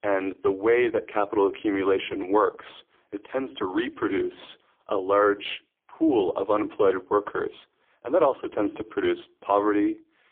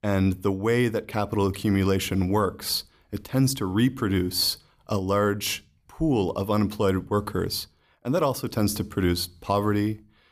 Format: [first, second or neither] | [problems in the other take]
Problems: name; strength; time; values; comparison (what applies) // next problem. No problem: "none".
second | phone-call audio; poor line; nothing above 3 kHz